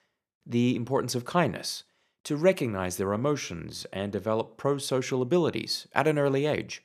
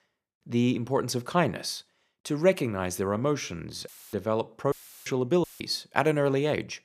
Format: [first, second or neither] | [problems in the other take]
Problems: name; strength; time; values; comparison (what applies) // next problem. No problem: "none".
first | audio cutting out; filled with static; at 4 s, at 4.5 s and at 5.5 s